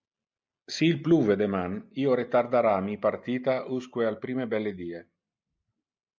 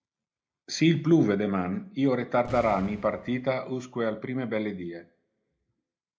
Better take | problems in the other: first | background sound (Boom); 17 dB below the speech // room echo; dies away in 0.2 s

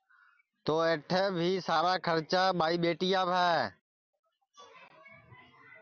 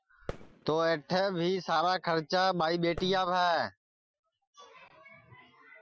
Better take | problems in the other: first | noise reduction (classical method Wiener filter)

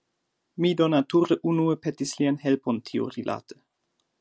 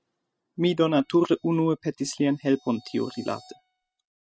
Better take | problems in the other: first | noise reduction (classical method spectral subtraction)

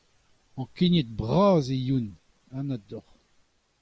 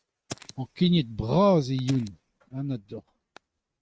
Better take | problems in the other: first | noise reduction (neural mask model RNNoise)

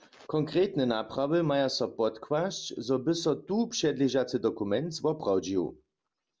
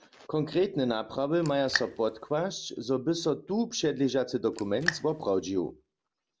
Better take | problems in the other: first | background sound (Raindrop); 8 dB below the speech

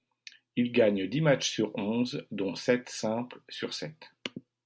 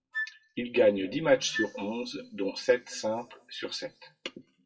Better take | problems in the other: first | noise reduction (classical method WPE with log-MMSE)

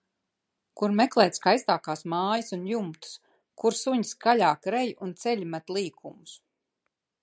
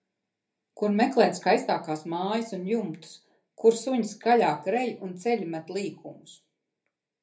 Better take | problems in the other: first | room echo; dies away in 0.3 s

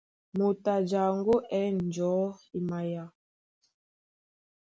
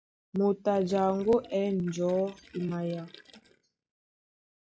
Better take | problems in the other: first | noise reduction (classical method log-MMSE)

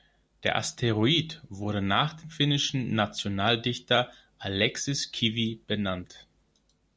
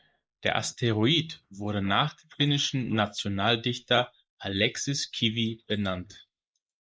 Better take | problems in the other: first | noise reduction (neural mask model Resemble Enhance denoiser)

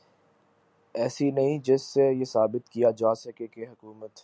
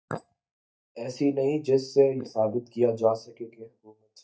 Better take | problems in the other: first | noise reduction (neural mask model DeepFilterNet 3)

